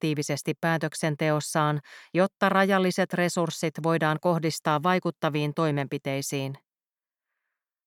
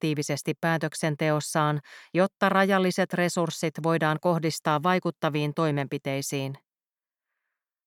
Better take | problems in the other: neither | none

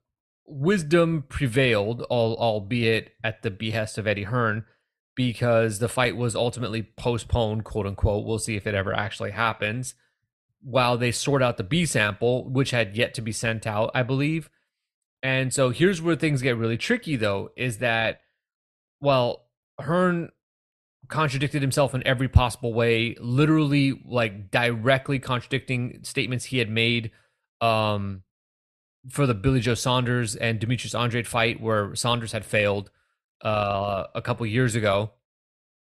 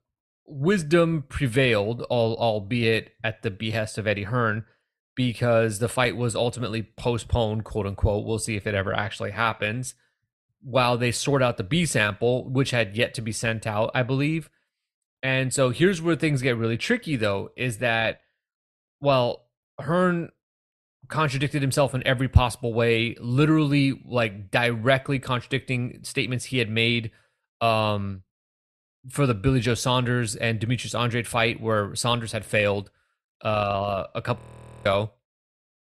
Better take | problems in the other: first | audio freezing; at 34 s

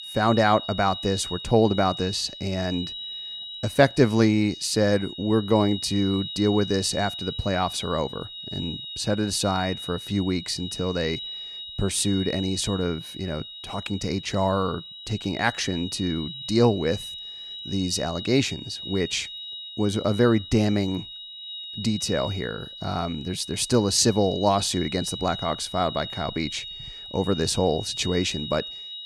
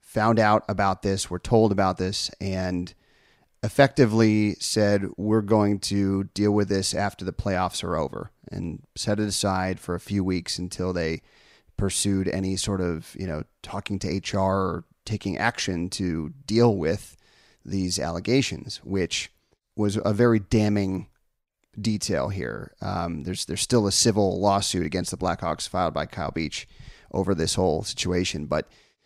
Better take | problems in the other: second | high-pitched whine; loud; throughout; 4 kHz, 9 dB below the speech

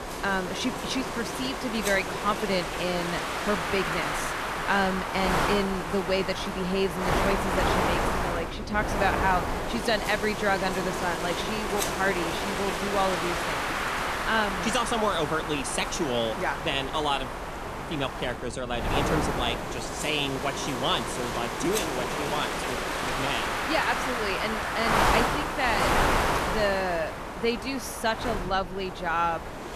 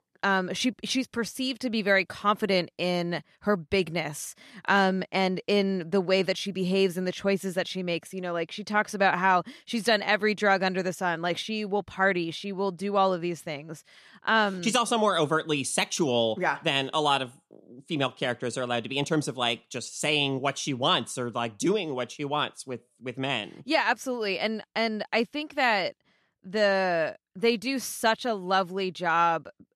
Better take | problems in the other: second | wind noise on the microphone; heavy; as loud as the speech

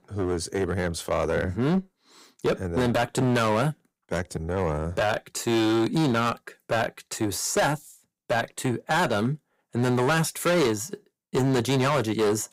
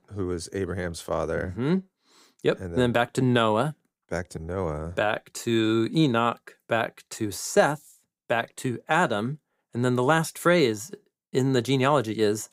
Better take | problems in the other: second | distortion; heavy; 13% of the sound clipped

